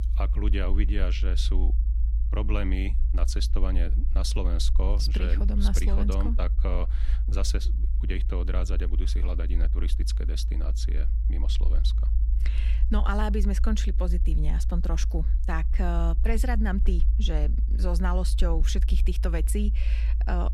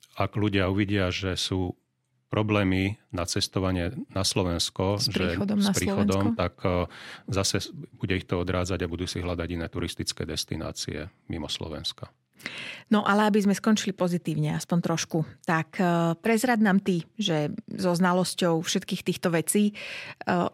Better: second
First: low rumble; noticeable; throughout; 10 dB below the speech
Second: none

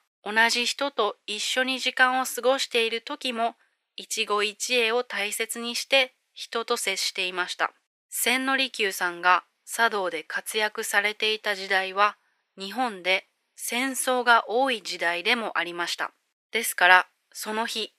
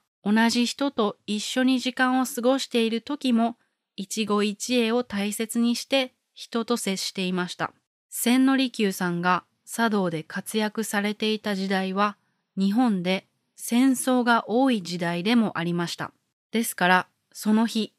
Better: second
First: thin; very; fading below 450 Hz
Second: none

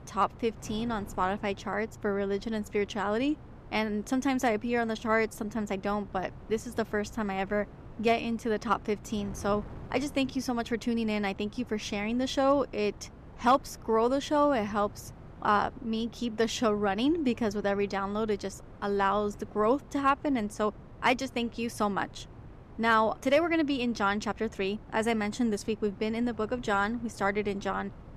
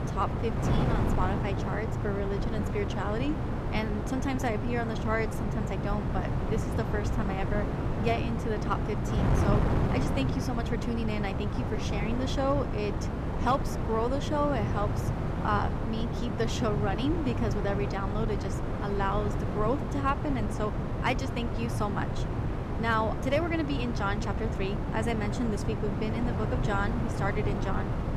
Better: first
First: wind noise on the microphone; occasional gusts; 25 dB below the speech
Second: wind noise on the microphone; heavy; 4 dB below the speech

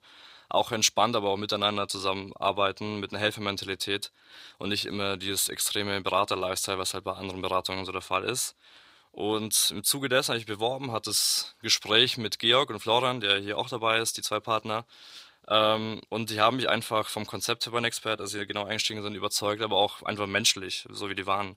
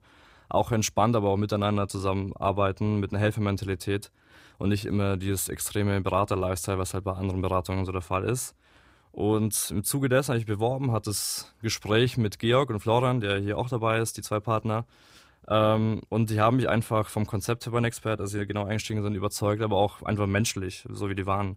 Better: second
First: thin; somewhat; fading below 600 Hz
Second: none

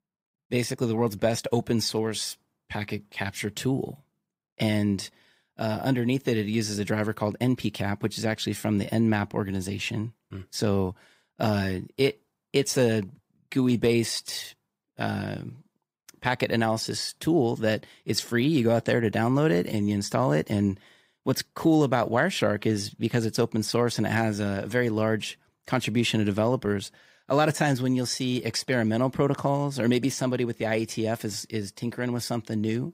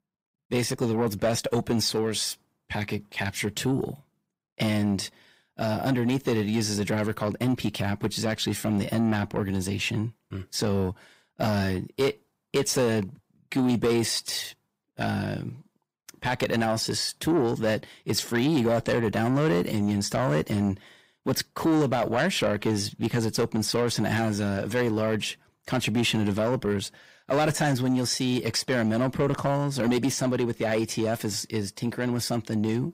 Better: first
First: none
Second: distortion; slight; 10 dB below the speech

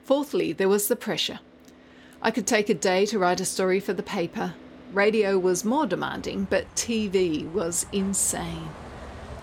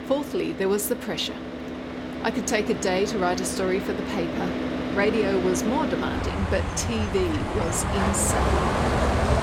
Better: first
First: traffic noise; faint; throughout; 20 dB below the speech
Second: traffic noise; loud; throughout; 1 dB below the speech

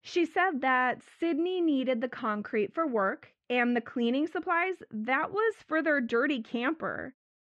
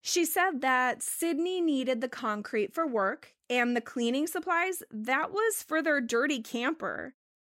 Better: second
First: muffled; very; fading above 3 kHz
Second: none

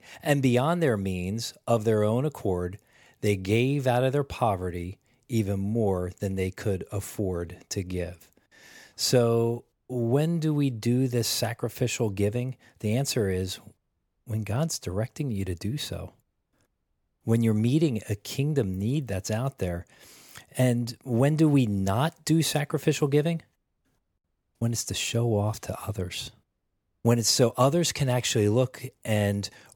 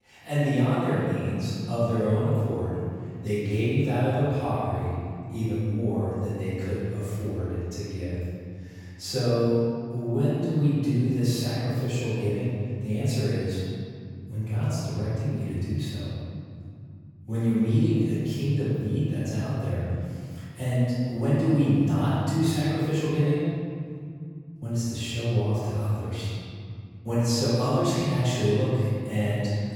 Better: first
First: none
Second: room echo; strong; dies away in 2.8 s // off-mic speech; far

